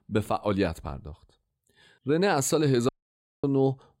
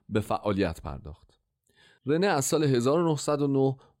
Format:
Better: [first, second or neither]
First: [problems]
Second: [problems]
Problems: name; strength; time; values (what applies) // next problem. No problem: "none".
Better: second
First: audio cutting out; at 3 s for 0.5 s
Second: none